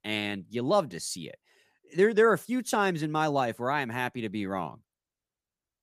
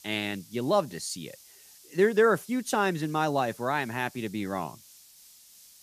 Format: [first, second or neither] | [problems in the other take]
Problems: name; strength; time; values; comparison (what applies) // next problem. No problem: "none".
first | hiss; faint; throughout; 25 dB below the speech